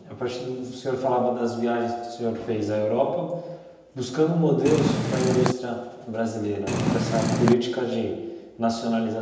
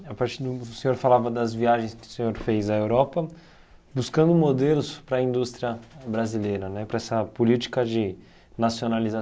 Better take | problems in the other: second | background sound (Purr); 2 dB above the speech // room echo; dies away in 1 s

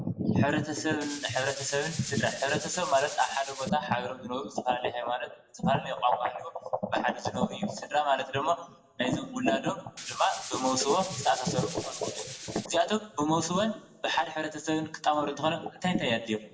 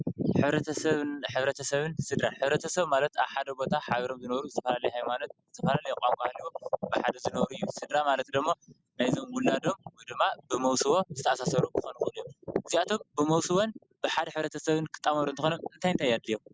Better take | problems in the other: second | background sound (Tools); 11 dB below the speech // room echo; dies away in 0.6 s

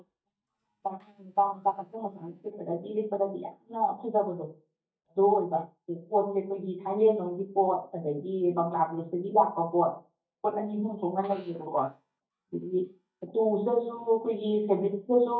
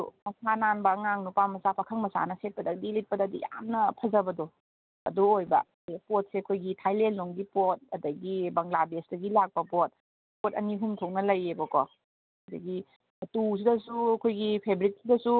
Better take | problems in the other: second | noise reduction (neural mask model DeepFilterNet 3)

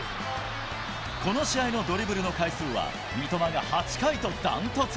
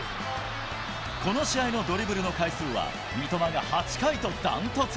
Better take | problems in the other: first | background sound (Bowed string instrument); 19 dB below the speech

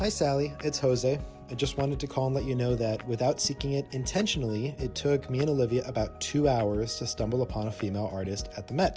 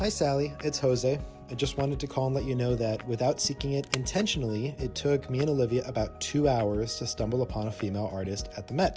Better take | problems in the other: first | background sound (Wood); 13 dB below the speech

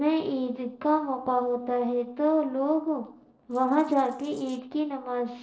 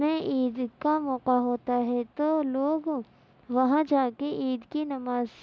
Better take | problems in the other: second | noise reduction (neural separator model SepFormer DNS4)

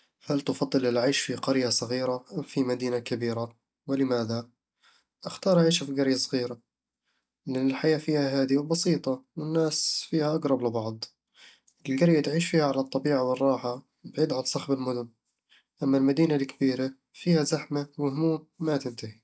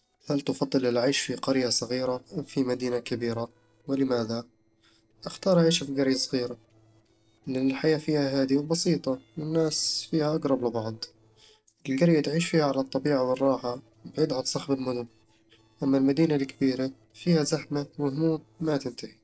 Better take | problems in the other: first | noise reduction (neural separator model SepFormer DNS4)

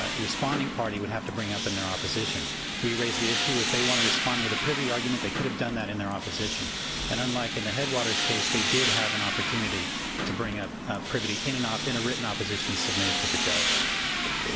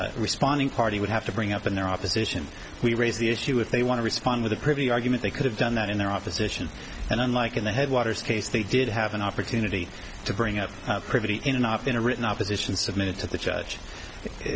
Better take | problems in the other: second | background sound (Tools); 2 dB above the speech

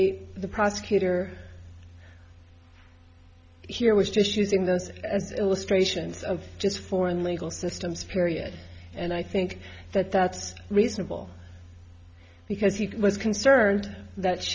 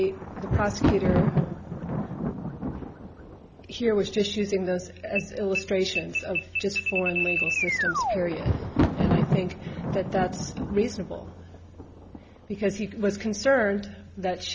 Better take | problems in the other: first | background sound (Alarm + Thunder); as loud as the speech

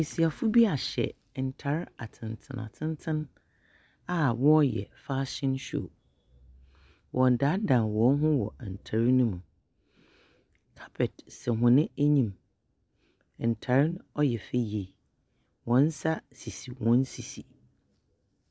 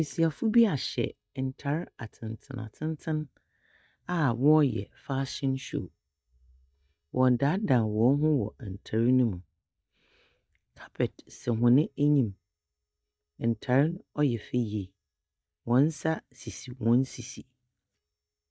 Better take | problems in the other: first | noise reduction (neural mask model DeepFilterNet 3)

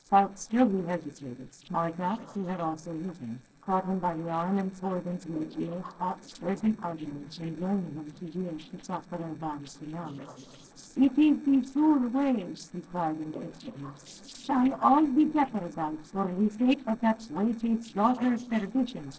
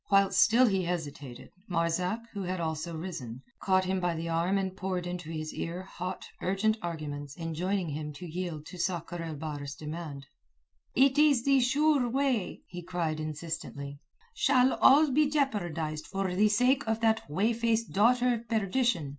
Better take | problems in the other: second | noise reduction (neural separator model SepFormer DNS4)

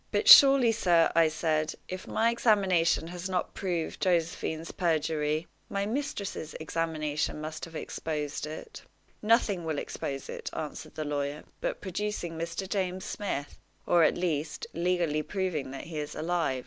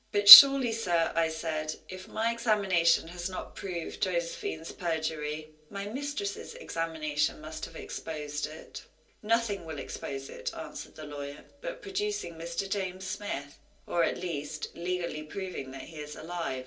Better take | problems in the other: first | room echo; dies away in 0.3 s

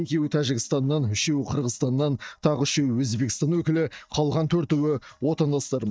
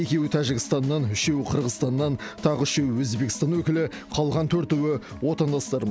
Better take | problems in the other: second | noise reduction (neural mask model DeepFilterNet 3)

